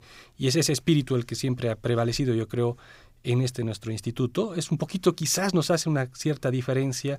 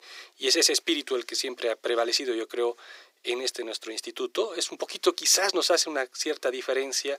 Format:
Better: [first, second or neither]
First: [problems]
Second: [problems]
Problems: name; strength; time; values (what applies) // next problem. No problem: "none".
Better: first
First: none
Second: thin; very; fading below 350 Hz